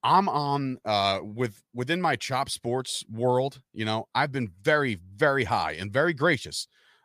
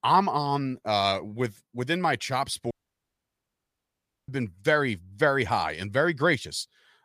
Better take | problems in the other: first | audio cutting out; at 2.5 s for 1.5 s

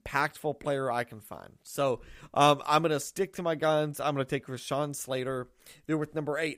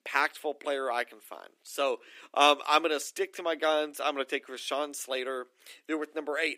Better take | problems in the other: first | thin; somewhat; fading below 300 Hz

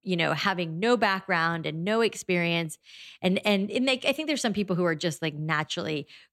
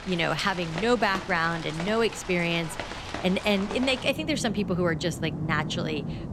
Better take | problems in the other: first | rain or running water; loud; throughout; 9 dB below the speech

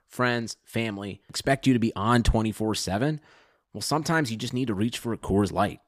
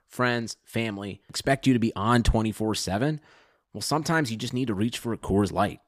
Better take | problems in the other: neither | none

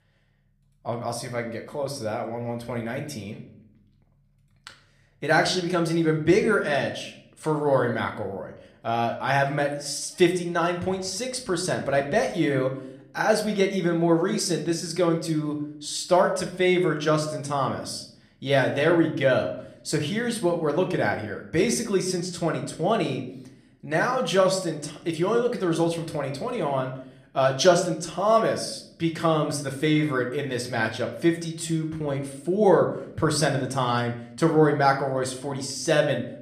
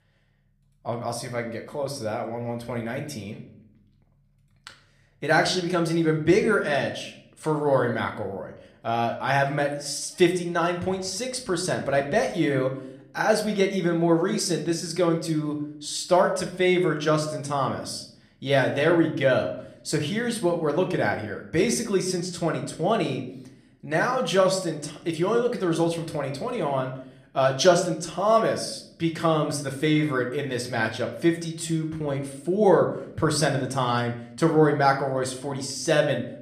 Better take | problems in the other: neither | room echo; slight; dies away in 0.5 s; the same in both

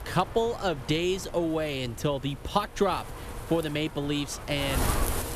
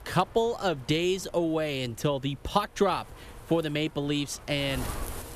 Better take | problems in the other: second | wind noise on the microphone; heavy; 9 dB below the speech; occasional gusts in the second

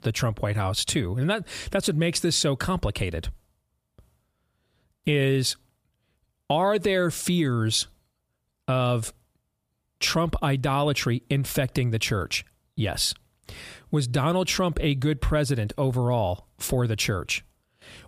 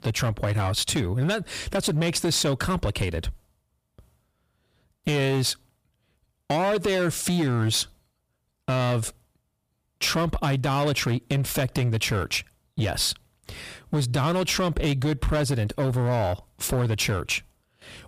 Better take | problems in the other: first | distortion; slight; 13% of the sound clipped

